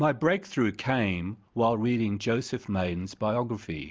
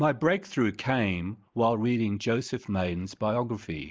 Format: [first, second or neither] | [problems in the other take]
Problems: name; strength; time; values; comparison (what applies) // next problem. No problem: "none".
first | noise reduction (neural mask model Resemble Enhance denoiser)